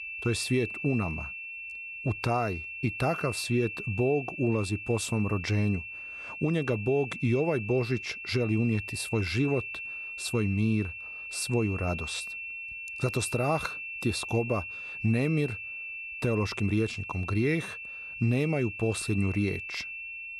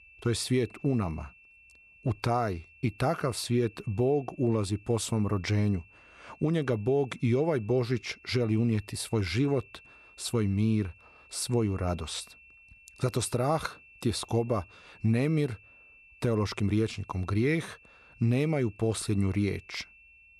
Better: second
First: high-pitched whine; loud; throughout; 2.5 kHz, 7 dB below the speech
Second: high-pitched whine; faint; throughout; 2.5 kHz, 25 dB below the speech

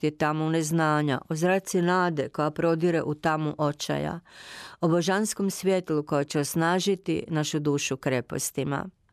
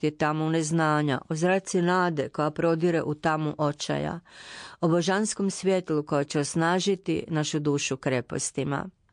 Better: first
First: none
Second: garbled, watery; slightly; nothing above 9 kHz

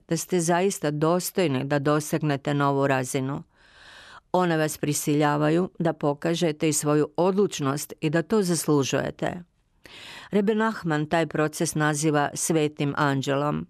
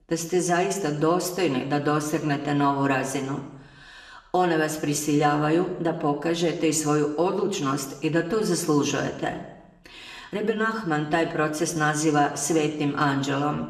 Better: first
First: none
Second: room echo; slight; dies away in 0.8 s // off-mic speech; somewhat distant

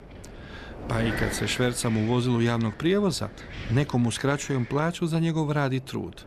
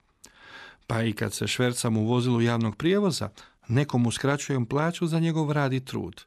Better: second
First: wind noise on the microphone; heavy; 10 dB below the speech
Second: none

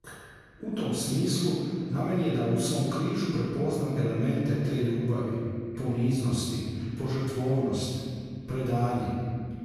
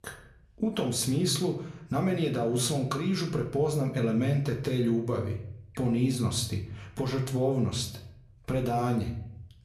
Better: second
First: room echo; strong; dies away in 2.5 s // off-mic speech; far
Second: room echo; slight; dies away in 0.5 s // off-mic speech; somewhat distant

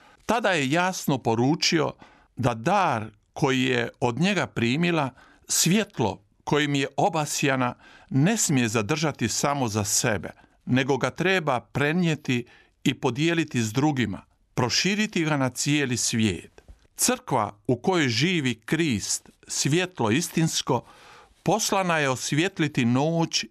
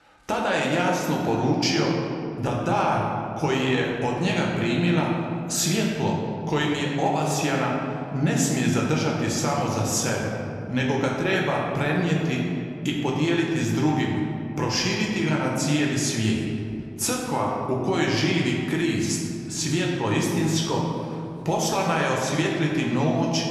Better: first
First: none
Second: room echo; noticeable; dies away in 2.5 s // off-mic speech; somewhat distant

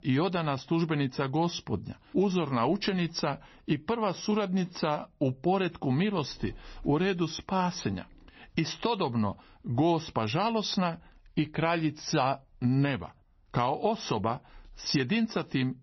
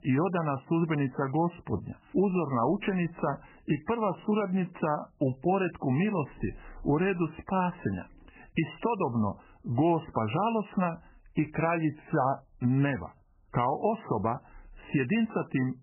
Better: first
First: garbled, watery; slightly; nothing above 6 kHz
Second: garbled, watery; badly; nothing above 3 kHz

